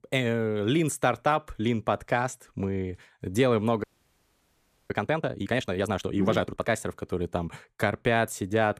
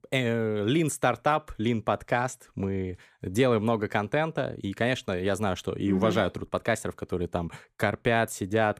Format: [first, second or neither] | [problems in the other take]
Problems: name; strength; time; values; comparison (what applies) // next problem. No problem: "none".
second | audio freezing; at 4 s for 1 s